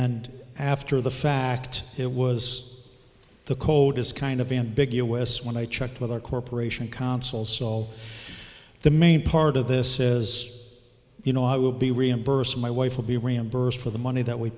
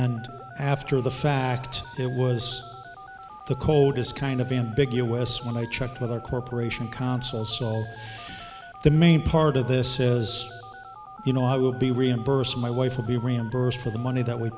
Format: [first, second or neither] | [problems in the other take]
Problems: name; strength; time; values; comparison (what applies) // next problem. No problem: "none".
first | background sound (Telephone); 18 dB below the speech